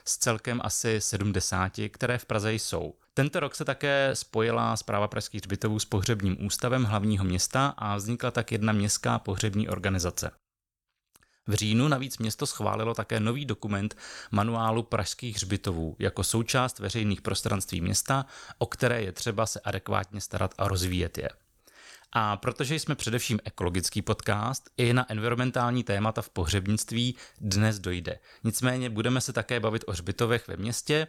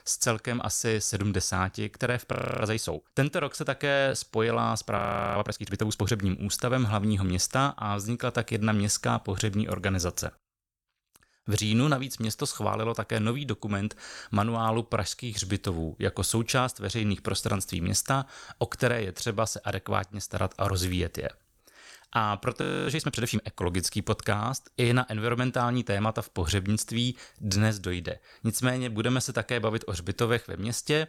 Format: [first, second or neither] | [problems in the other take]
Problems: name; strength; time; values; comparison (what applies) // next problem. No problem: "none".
first | audio freezing; at 2.5 s, at 5 s and at 23 s